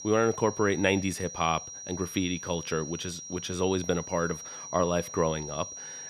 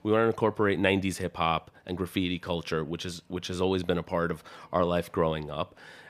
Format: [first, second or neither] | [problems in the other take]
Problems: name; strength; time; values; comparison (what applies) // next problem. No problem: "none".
second | high-pitched whine; loud; throughout; 6 kHz, 9 dB below the speech